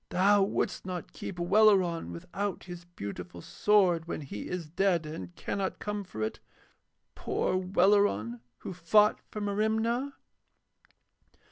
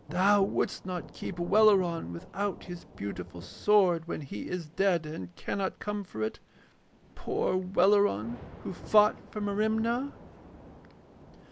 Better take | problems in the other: first | background sound (Thunder / Rain); 19 dB below the speech

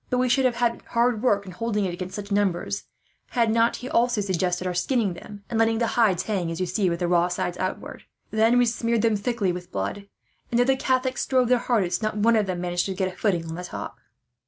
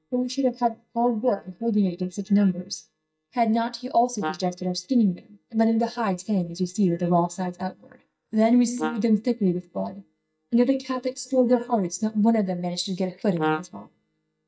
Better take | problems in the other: first | noise reduction (neural mask model DeepFilterNet 3)

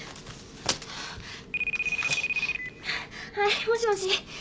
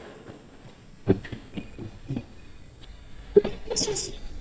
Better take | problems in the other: first | noise reduction (neural mask model DeepFilterNet 3)

